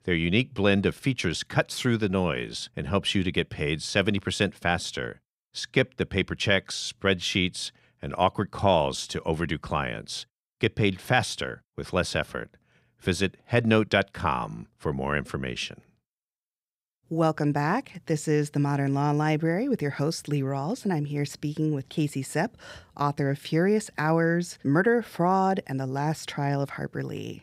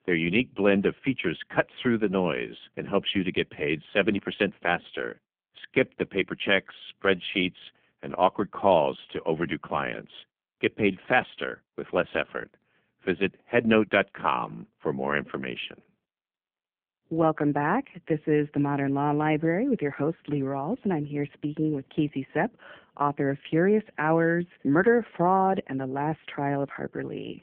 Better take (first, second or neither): first